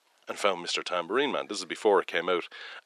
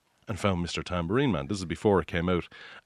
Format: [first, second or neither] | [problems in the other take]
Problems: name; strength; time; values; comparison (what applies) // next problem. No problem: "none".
second | thin; very; fading below 400 Hz